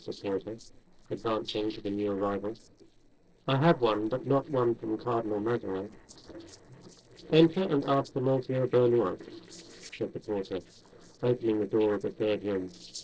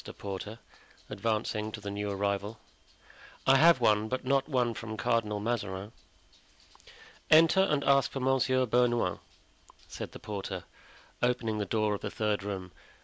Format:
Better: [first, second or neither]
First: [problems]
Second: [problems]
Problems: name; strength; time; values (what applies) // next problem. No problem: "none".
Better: second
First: noise reduction (neural separator model SepFormer DNS4)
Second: none